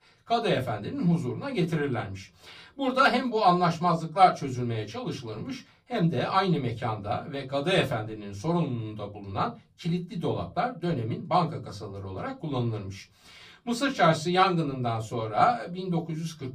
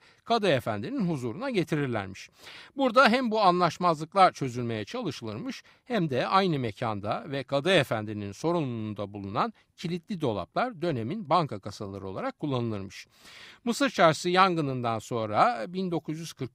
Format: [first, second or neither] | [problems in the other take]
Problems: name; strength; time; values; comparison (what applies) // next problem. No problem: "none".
second | off-mic speech; far // room echo; very slight; dies away in 0.3 s